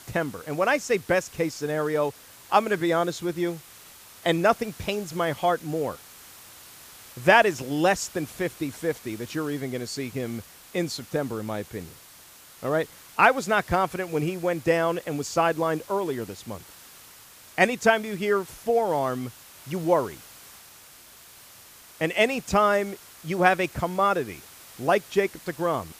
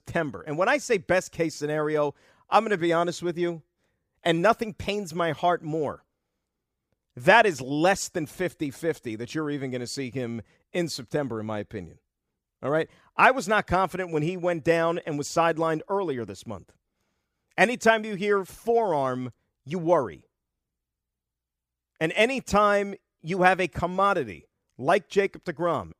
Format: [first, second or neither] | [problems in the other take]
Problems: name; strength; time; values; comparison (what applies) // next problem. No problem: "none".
second | hiss; faint; throughout; 20 dB below the speech